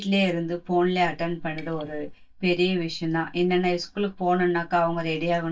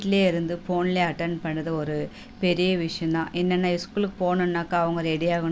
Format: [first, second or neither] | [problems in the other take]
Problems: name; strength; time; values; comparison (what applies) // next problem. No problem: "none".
second | noise reduction (neural mask model DeepFilterNet 3)